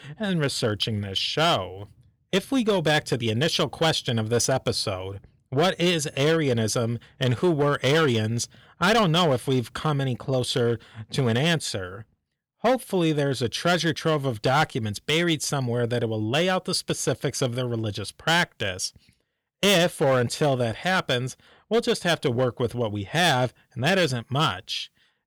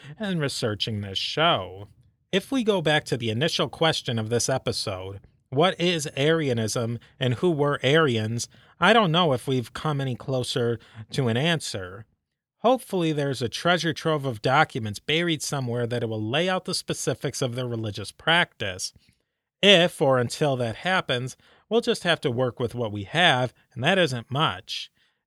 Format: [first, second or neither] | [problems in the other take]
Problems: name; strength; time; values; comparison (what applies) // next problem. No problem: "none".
second | distortion; slight; 5% of the sound clipped